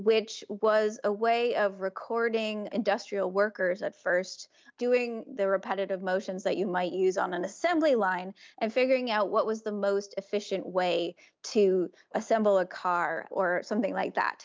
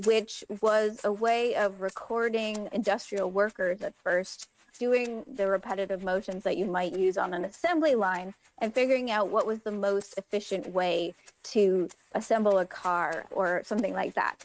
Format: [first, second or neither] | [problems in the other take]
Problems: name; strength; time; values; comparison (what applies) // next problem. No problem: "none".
first | noise reduction (neural mask model RNNoise)